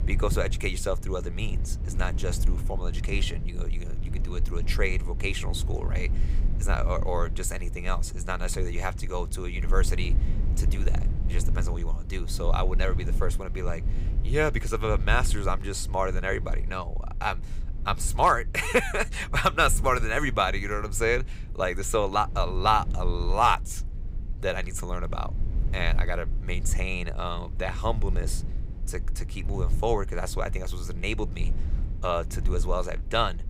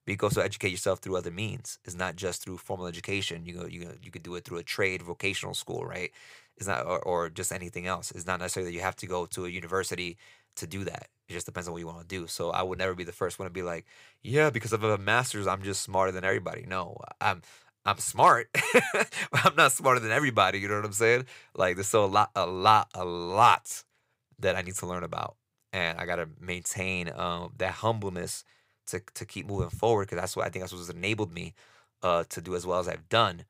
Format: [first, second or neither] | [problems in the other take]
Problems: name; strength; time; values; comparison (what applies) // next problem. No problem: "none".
second | low rumble; noticeable; throughout; 20 dB below the speech